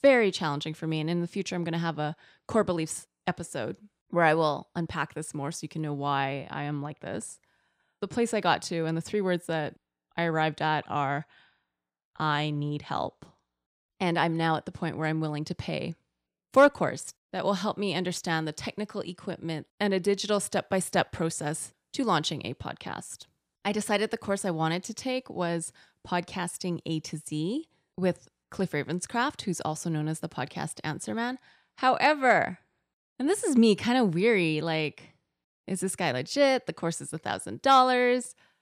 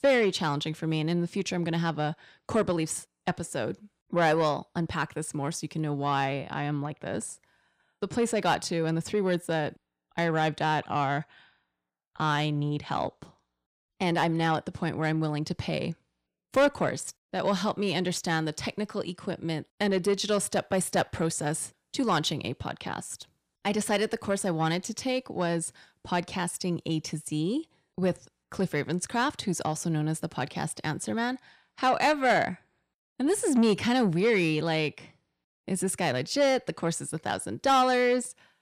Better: first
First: none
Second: distortion; slight; 10 dB below the speech

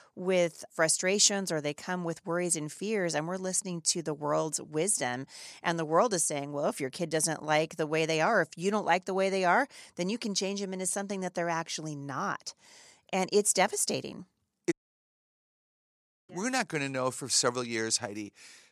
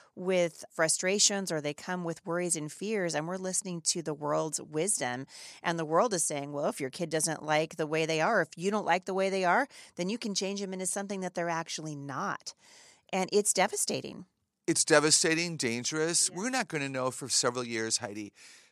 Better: second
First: audio cutting out; at 15 s for 1.5 s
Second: none

